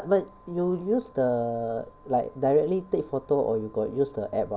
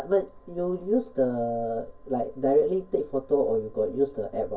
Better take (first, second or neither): first